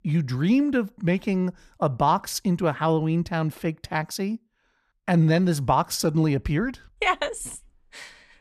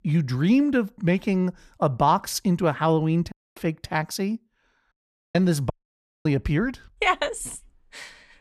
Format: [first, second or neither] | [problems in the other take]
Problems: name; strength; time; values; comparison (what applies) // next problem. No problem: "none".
first | audio cutting out; at 3.5 s, at 5 s and at 5.5 s for 0.5 s